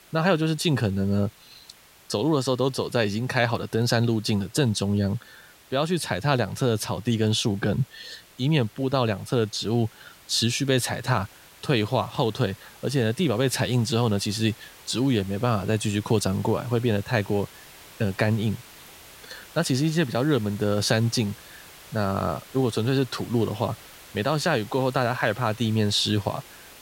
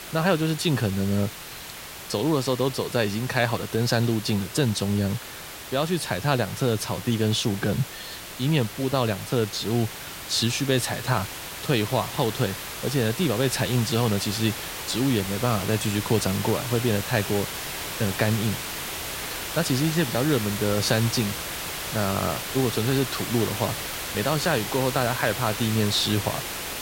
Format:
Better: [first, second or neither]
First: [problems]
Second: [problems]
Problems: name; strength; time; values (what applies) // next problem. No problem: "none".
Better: first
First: hiss; faint; throughout; 20 dB below the speech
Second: hiss; loud; throughout; 7 dB below the speech